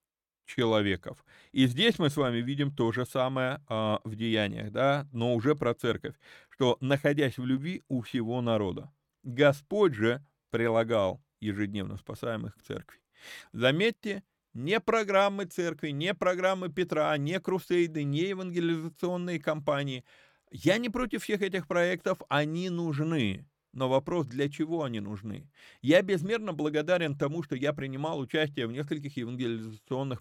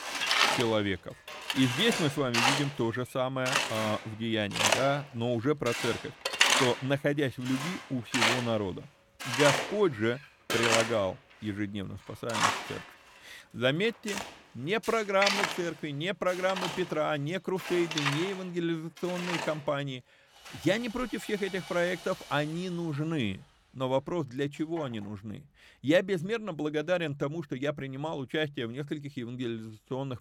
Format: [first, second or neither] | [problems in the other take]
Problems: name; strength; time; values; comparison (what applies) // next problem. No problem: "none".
first | machinery noise; very loud; throughout; 1 dB above the speech